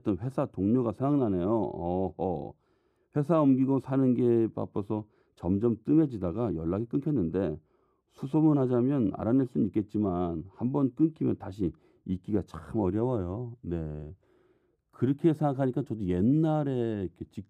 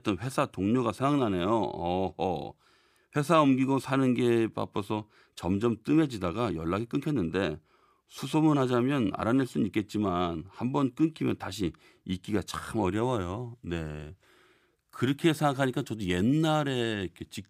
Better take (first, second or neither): second